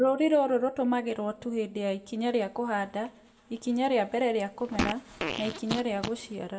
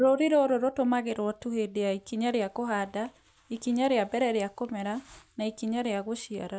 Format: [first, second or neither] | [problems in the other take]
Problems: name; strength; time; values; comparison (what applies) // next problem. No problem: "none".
second | background sound (Fart); 6 dB below the speech // room echo; dies away in 1.1 s